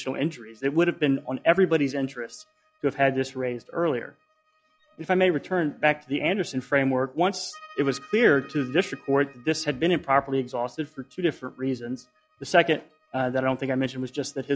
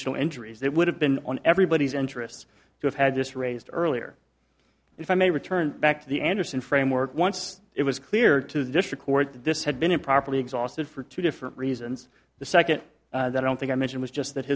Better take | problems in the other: second | noise reduction (classical method log-MMSE)

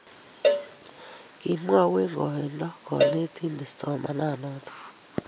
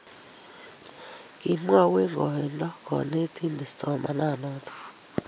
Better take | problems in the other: second | background sound (Cowbell); 2 dB below the speech

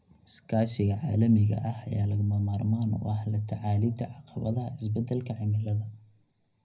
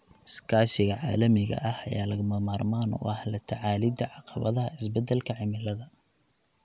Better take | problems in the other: second | room echo; dies away in 0.4 s

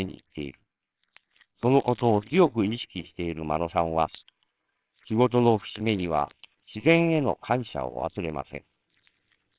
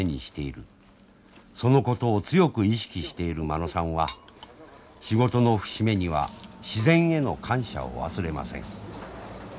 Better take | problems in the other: second | noise reduction (neural separator model SepFormer WHAMR!)

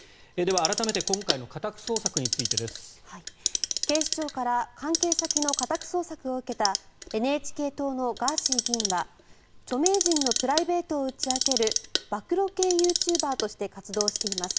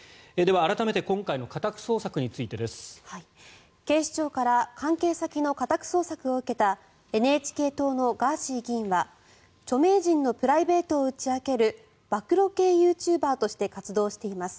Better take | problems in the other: second | background sound (Clock); 2 dB below the speech

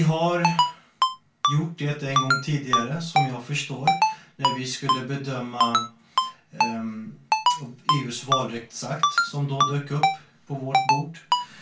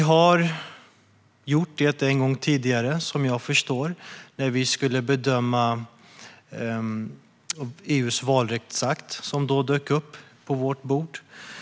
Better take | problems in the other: second | background sound (Ringtone); 3 dB above the speech // room echo; dies away in 0.2 s

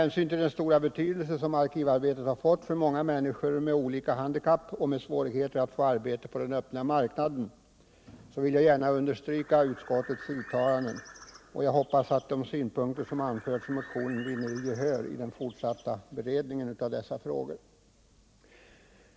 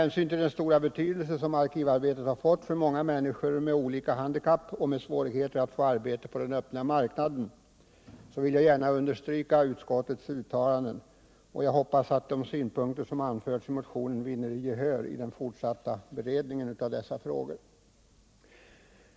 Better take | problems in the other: second | background sound (Bird); 18 dB below the speech

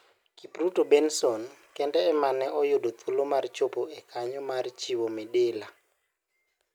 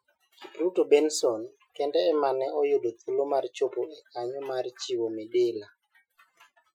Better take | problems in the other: first | noise reduction (classical method Wiener filter)

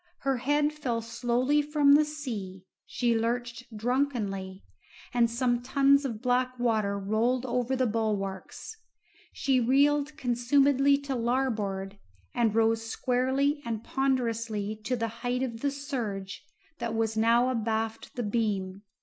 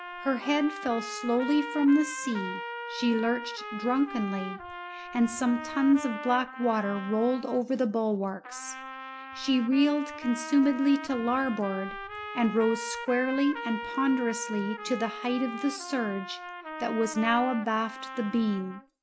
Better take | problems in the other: first | background sound (Trumpet); 11 dB below the speech

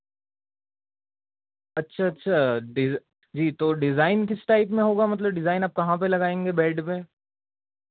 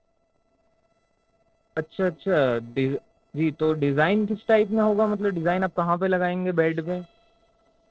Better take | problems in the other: first | noise reduction (neural separator model SepFormer DNS4)

